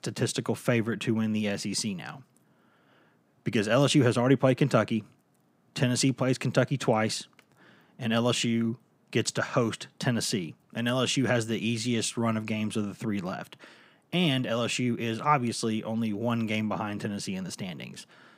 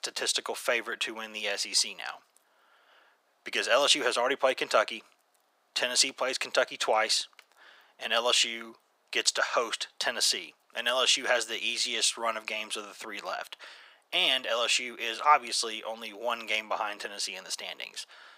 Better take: first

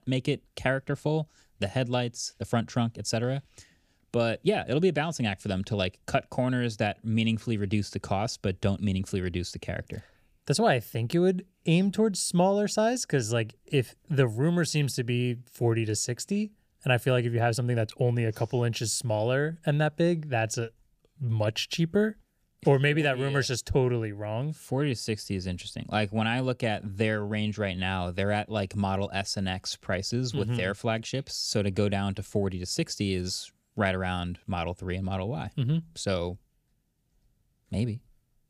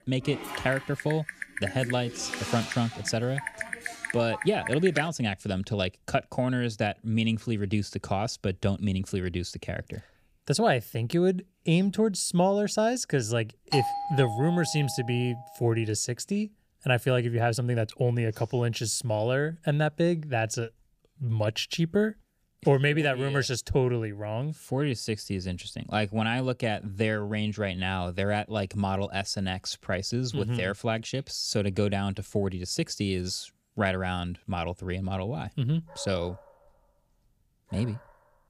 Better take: first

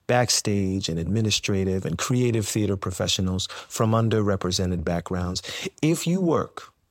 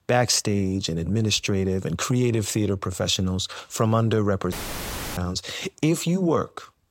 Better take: first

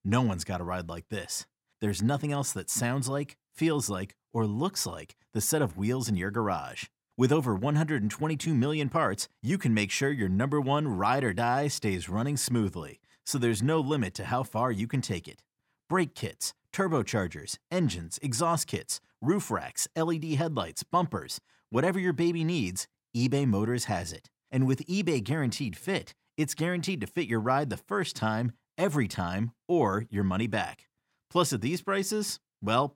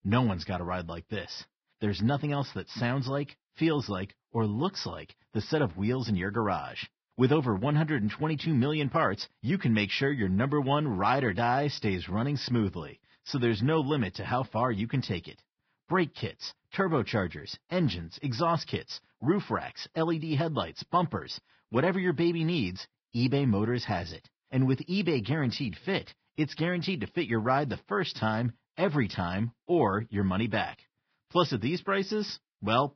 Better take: first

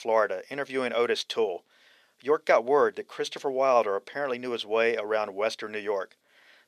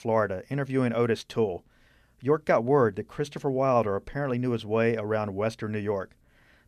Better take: second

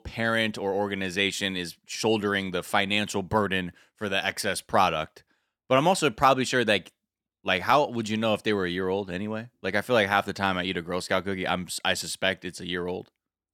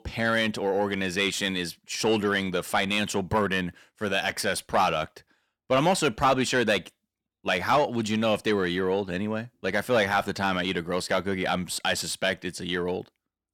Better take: first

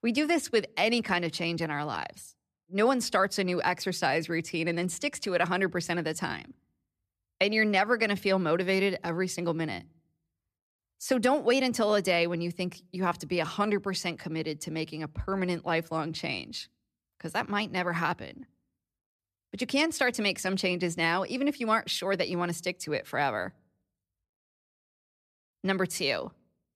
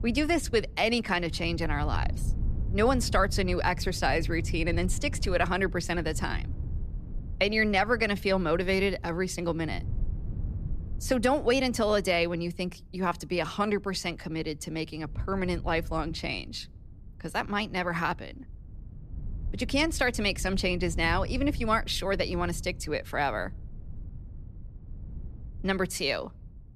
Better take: first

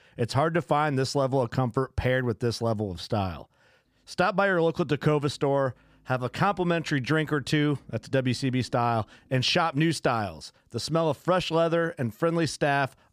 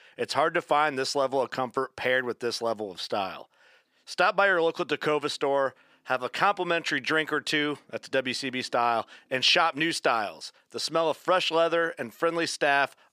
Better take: first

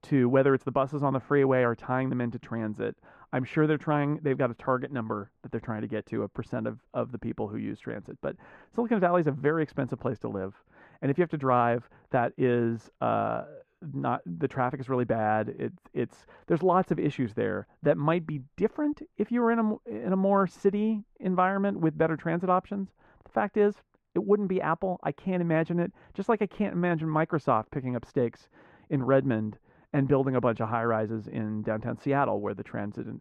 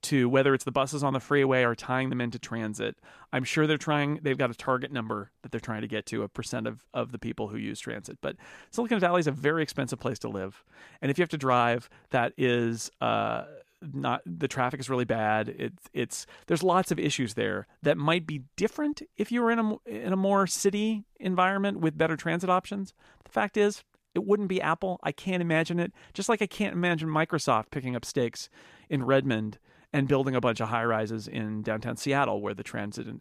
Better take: second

